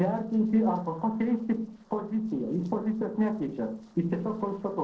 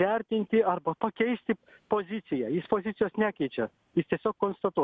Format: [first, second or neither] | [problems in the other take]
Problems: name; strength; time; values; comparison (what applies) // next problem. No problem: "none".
second | noise reduction (neural separator model SepFormer DNS4)